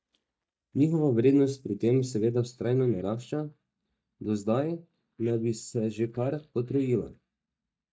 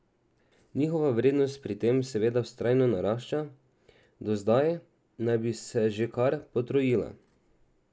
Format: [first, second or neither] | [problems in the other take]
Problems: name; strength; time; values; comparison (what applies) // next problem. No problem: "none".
second | noise reduction (neural mask model DeepFilterNet 3)